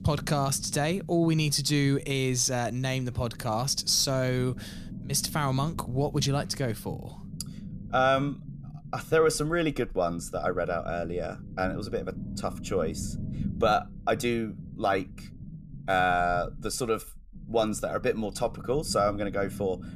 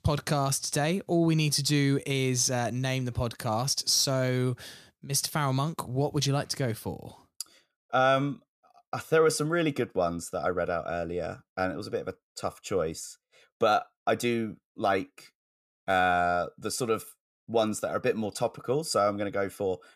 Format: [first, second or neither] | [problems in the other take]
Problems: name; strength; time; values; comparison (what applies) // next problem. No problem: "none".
second | low rumble; faint; throughout; 20 dB below the speech